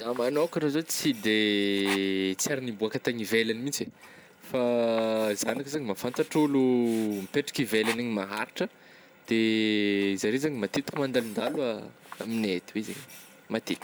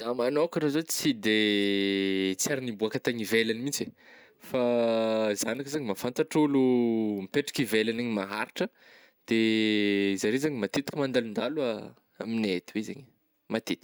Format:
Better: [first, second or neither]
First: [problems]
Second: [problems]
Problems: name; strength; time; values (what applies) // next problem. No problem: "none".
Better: second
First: background sound (Sink (filling or washing)); 17 dB below the speech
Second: none